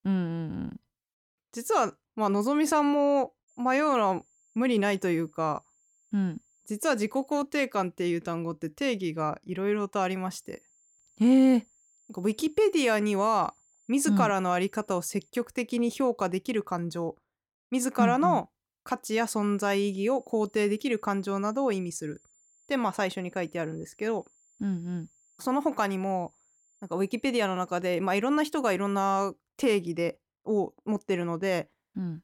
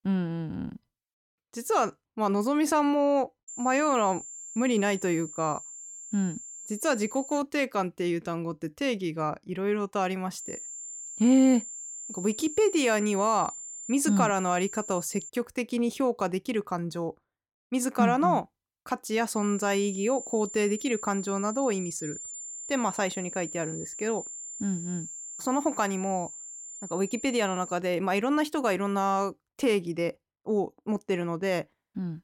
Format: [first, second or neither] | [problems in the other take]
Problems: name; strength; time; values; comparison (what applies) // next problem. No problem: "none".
first | high-pitched whine; loud; from 3.5 to 7.5 s, from 10 to 15 s and from 19 to 28 s; 7.5 kHz, 10 dB below the speech; faint in the first